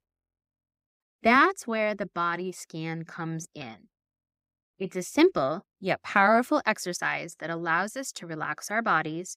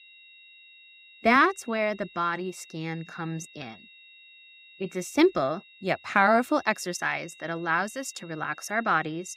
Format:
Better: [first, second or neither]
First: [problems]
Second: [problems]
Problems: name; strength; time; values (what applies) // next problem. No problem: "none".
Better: first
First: none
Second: high-pitched whine; faint; throughout; 2.5 kHz, 25 dB below the speech